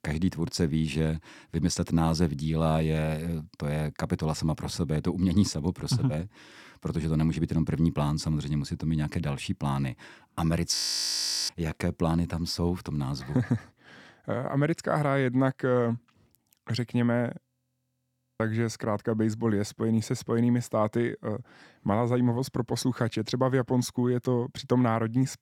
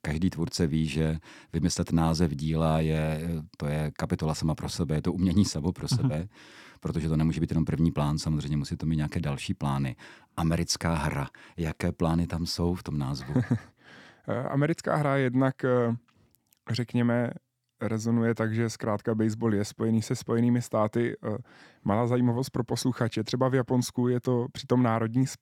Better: second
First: audio freezing; at 11 s for 0.5 s and at 17 s for 1 s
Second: none

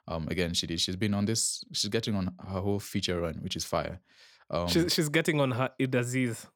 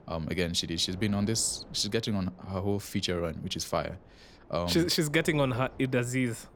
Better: first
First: none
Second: wind noise on the microphone; occasional gusts; 25 dB below the speech

